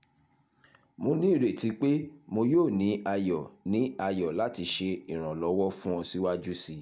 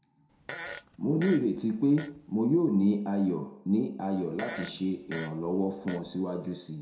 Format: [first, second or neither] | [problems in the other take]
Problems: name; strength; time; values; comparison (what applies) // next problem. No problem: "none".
first | background sound (Fart); 15 dB below the speech // room echo; dies away in 0.6 s